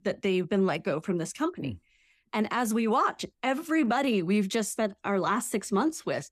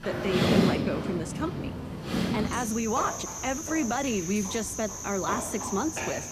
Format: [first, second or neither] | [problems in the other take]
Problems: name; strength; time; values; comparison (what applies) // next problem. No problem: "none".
first | animal sounds; loud; throughout; as loud as the speech